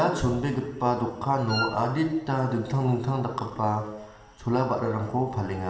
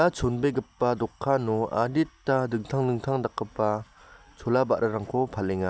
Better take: second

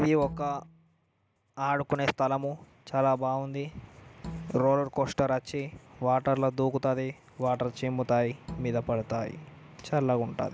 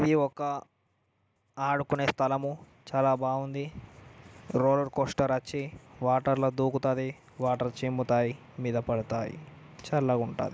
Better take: second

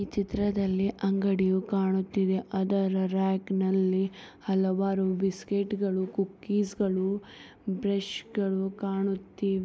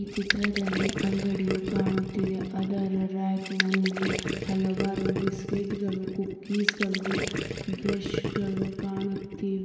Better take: first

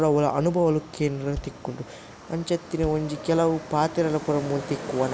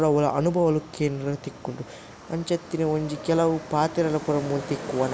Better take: second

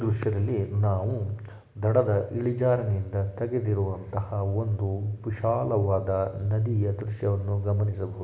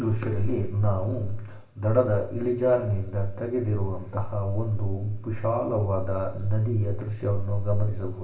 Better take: first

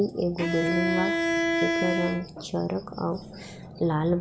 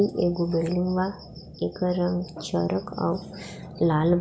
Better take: second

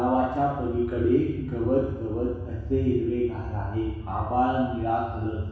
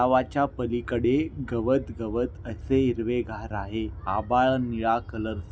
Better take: second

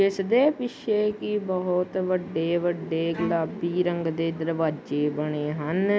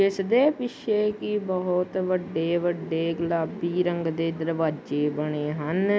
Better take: second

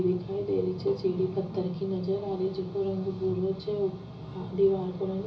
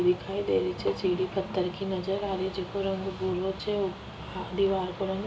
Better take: second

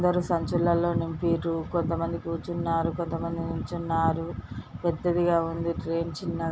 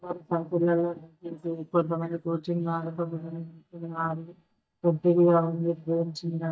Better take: first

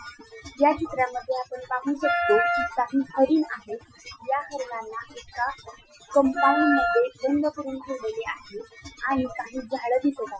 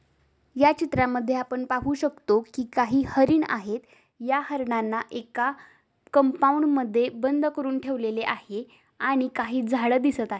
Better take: second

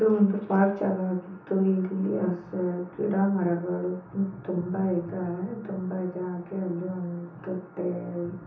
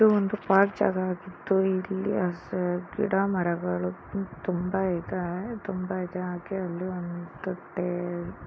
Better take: second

